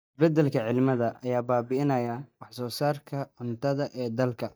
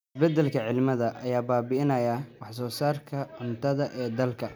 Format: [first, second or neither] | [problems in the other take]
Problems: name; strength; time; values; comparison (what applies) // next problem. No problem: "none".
second | noise reduction (neural mask model DeepFilterNet 3)